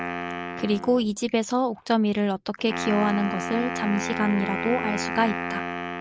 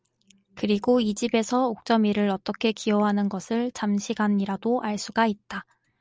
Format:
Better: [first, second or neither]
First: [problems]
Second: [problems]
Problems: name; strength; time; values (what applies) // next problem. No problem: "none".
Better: second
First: background sound (Wind instrument, woodwind instrument); 6 dB below the speech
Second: none